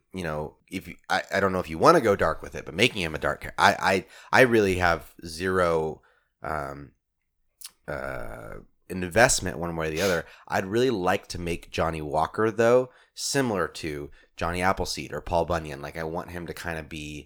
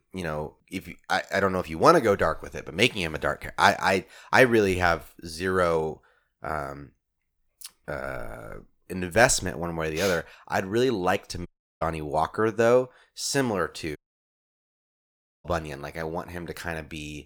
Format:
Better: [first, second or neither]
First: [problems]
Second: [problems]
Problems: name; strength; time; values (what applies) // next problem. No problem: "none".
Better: first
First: none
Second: audio cutting out; at 11 s and at 14 s for 1.5 s